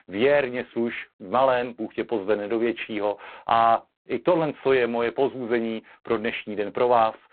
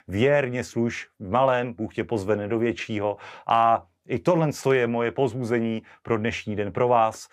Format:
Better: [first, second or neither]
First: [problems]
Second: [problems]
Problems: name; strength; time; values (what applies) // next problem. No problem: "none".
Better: second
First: phone-call audio; poor line; nothing above 4 kHz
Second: none